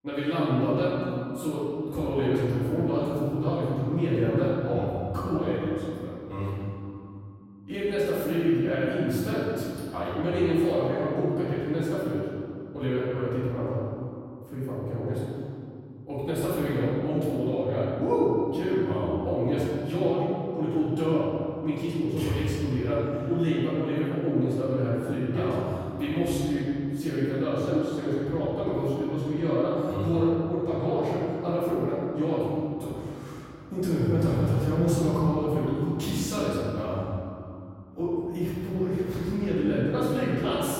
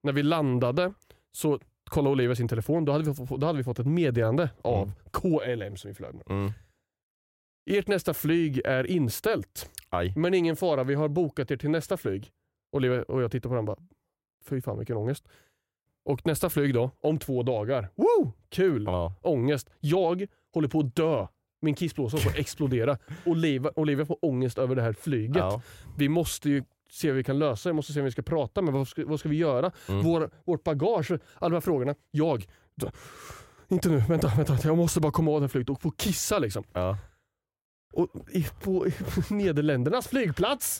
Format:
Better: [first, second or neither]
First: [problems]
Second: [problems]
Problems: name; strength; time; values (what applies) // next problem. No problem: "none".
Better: second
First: off-mic speech; far // room echo; strong; dies away in 2.6 s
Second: none